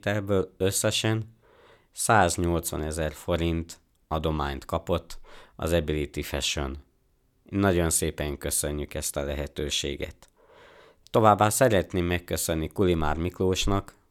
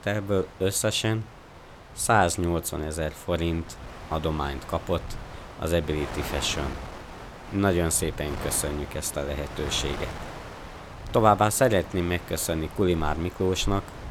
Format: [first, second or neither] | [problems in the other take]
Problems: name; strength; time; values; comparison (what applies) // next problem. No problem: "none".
first | wind noise on the microphone; occasional gusts; 15 dB below the speech